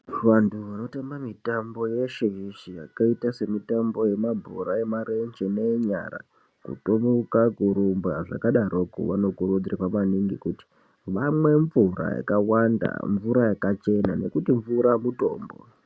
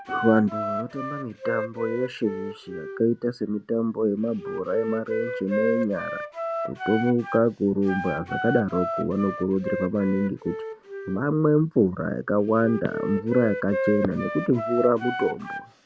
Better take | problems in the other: first | background sound (Wind instrument, woodwind instrument); 7 dB below the speech

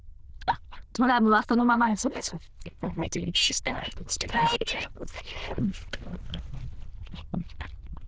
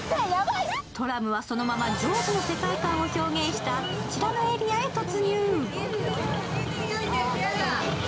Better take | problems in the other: second | noise reduction (neural diffusion model UNIVERSE++)

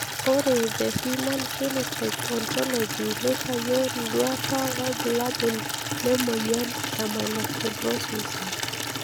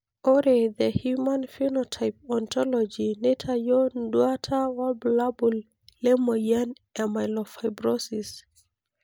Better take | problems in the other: second | background sound (Water tap, faucet / Liquid); 3 dB below the speech

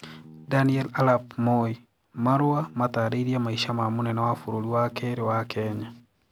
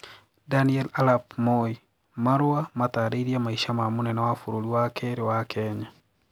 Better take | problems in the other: second | background sound (Bass guitar); 18 dB below the speech

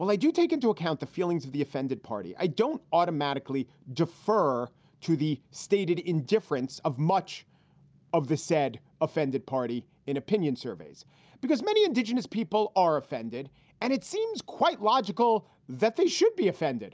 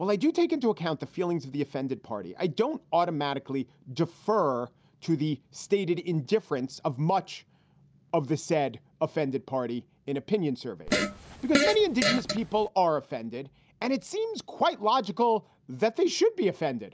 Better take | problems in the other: first | background sound (Fart); as loud as the speech

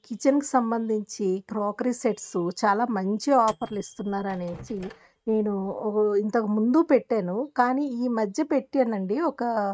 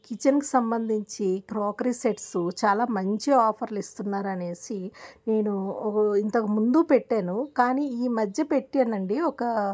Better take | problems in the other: second | noise reduction (neural mask model RNNoise)

